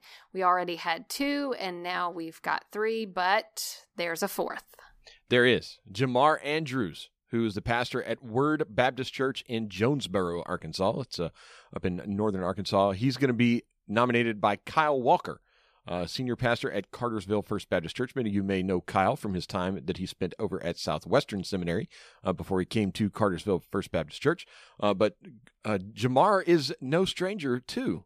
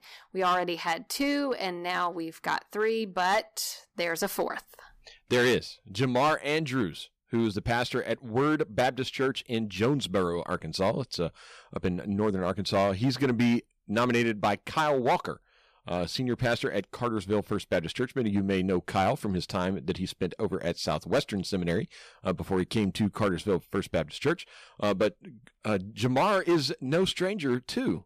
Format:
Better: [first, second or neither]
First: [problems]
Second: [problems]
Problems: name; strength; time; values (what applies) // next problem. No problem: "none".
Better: first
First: none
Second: distortion; slight; 5% of the sound clipped